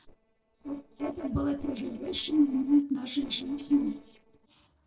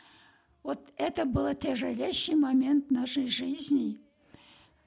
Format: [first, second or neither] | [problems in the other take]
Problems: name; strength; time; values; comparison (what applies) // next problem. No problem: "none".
second | noise reduction (neural separator model SepFormer DNS4)